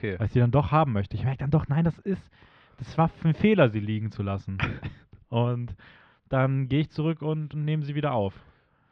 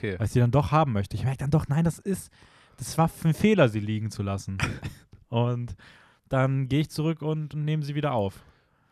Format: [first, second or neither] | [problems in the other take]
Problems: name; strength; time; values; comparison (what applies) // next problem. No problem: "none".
second | muffled; slightly; fading above 3.5 kHz